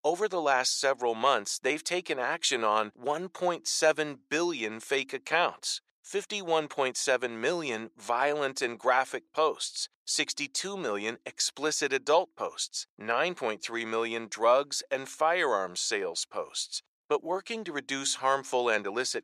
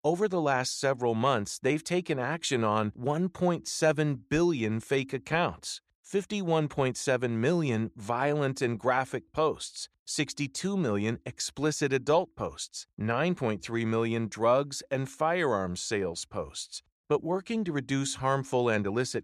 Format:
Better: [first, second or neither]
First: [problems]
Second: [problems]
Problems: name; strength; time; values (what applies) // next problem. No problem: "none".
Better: second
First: thin; somewhat; fading below 500 Hz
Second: none